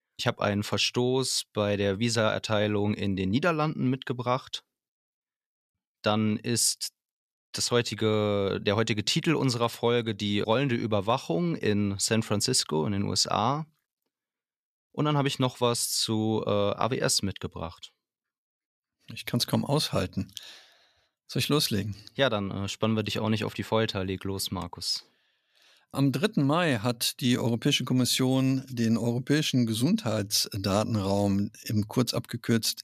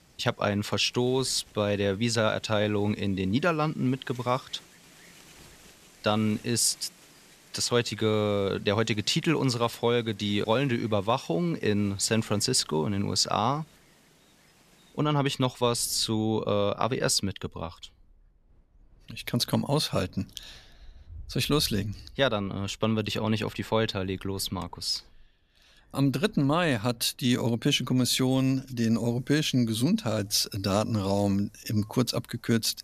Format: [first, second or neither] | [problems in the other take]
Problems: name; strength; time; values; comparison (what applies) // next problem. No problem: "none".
first | wind in the background; faint; throughout; 25 dB below the speech